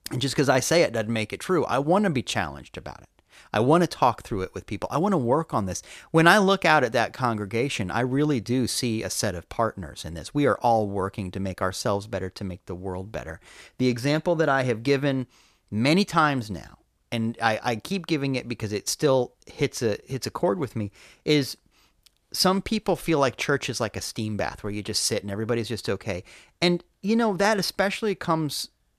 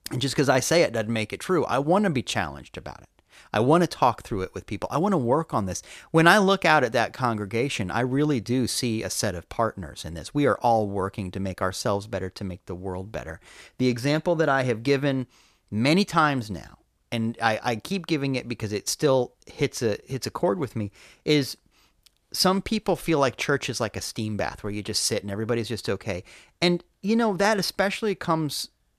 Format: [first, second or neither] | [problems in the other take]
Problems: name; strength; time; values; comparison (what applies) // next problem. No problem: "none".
neither | none